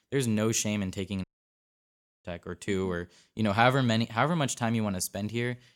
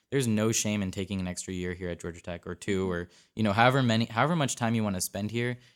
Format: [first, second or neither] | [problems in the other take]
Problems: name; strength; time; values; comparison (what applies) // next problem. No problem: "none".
second | audio cutting out; at 1 s for 1 s